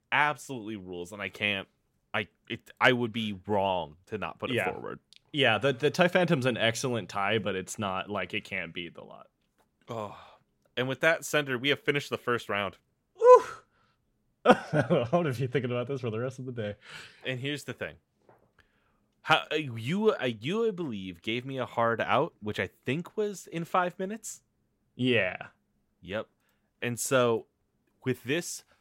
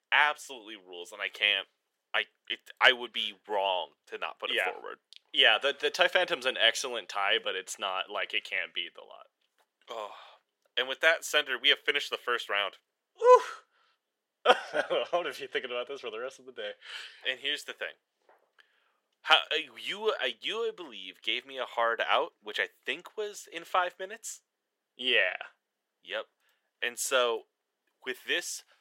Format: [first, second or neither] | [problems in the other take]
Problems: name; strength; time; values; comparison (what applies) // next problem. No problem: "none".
first | thin; very; fading below 450 Hz